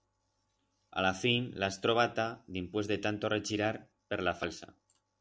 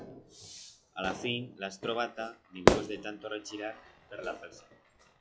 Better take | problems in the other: first | noise reduction (classical method log-MMSE)

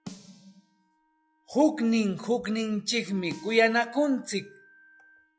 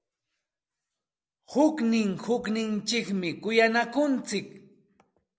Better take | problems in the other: second | noise reduction (classical method log-MMSE)

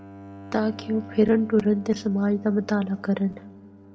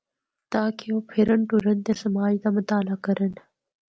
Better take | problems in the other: second | background sound (Bowed string instrument); 18 dB below the speech // room echo; dies away in 1.7 s

